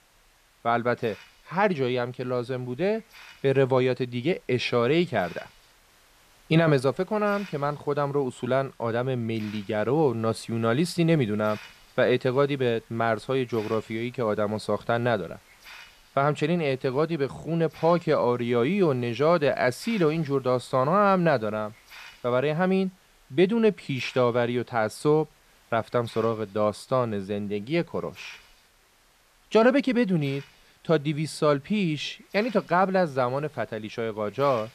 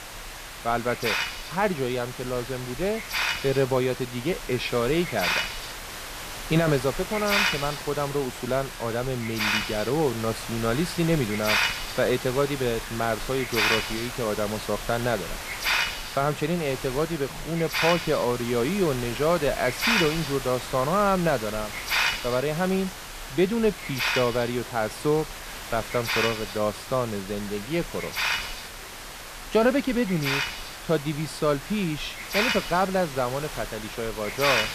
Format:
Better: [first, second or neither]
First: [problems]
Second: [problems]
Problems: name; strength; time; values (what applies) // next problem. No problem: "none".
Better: first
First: hiss; faint; throughout; 25 dB below the speech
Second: hiss; loud; throughout; 3 dB below the speech